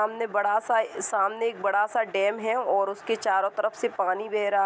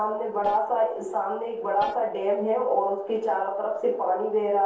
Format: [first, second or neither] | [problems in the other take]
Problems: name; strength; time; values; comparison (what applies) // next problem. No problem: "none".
first | noise reduction (neural separator model SepFormer DNS4)